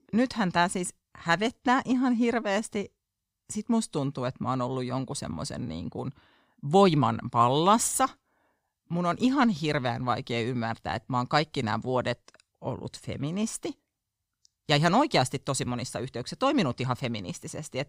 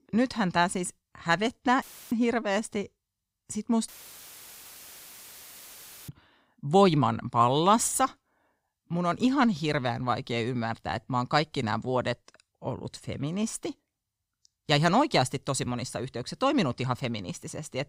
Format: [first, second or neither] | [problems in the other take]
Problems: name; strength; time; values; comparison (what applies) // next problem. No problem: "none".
first | audio cutting out; filled with static; at 2 s and at 4 s for 2 s